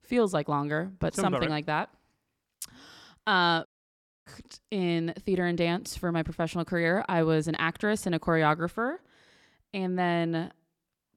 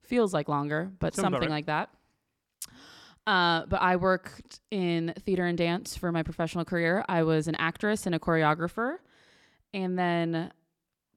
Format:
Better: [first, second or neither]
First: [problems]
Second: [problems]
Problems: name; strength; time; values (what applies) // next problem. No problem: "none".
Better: second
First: audio cutting out; at 3.5 s for 0.5 s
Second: none